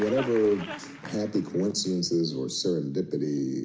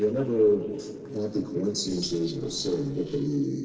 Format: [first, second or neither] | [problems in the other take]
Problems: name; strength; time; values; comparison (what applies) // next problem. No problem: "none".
first | noise reduction (neural separator model SepFormer DNS4)